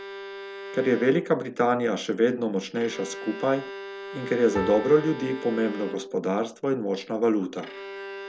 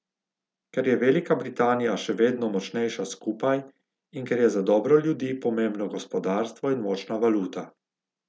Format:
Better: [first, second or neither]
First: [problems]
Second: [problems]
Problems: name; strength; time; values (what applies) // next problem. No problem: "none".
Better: second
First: background sound (Piano + Bowed string instrument); 12 dB below the speech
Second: none